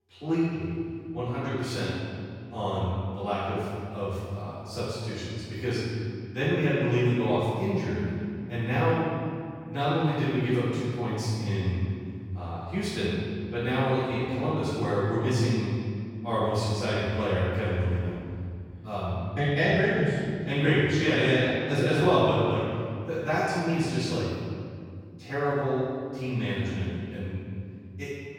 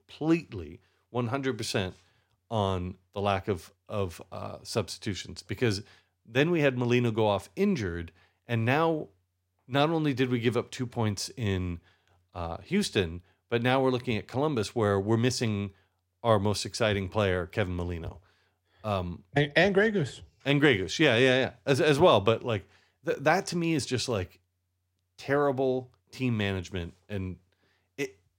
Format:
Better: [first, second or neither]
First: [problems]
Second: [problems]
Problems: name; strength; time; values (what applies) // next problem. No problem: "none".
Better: second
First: off-mic speech; far // room echo; strong; dies away in 2.4 s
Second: none